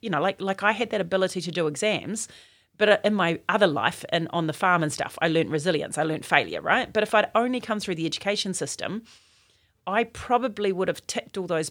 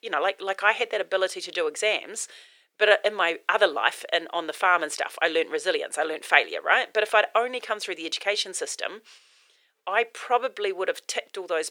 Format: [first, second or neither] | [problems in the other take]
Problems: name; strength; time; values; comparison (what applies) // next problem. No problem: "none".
first | thin; very; fading below 400 Hz